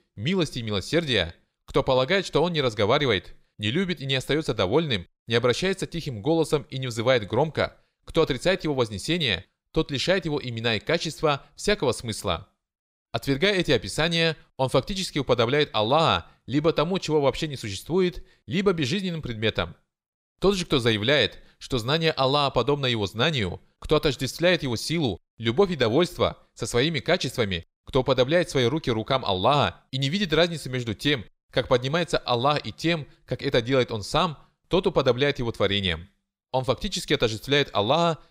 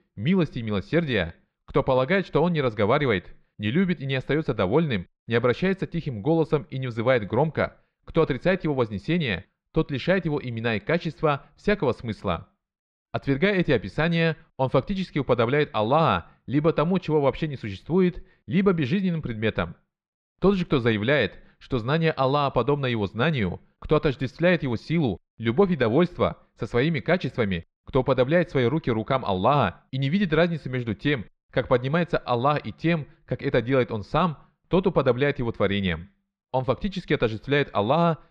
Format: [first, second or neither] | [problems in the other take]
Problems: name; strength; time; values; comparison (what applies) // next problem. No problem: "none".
first | muffled; slightly; fading above 2 kHz